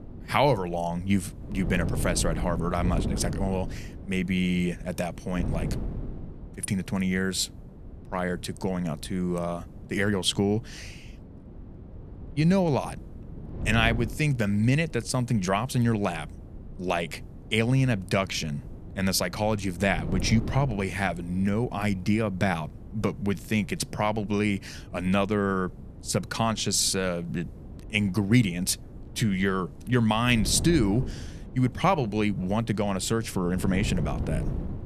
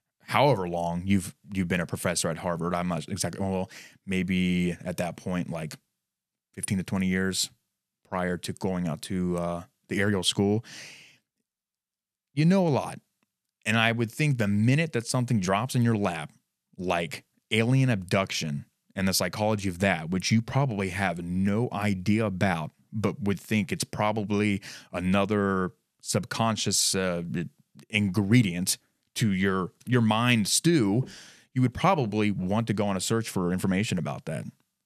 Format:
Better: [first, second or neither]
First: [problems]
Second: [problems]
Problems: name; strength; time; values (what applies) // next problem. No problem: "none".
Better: second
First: wind noise on the microphone; occasional gusts; 20 dB below the speech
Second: none